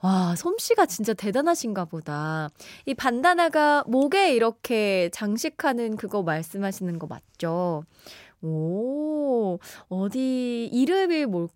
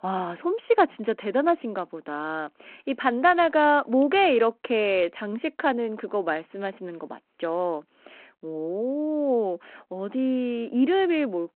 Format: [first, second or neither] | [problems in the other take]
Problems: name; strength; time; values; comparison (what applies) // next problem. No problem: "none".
first | phone-call audio